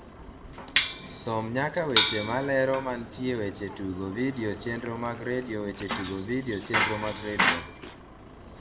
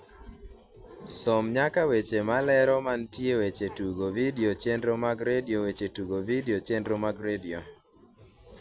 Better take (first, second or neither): second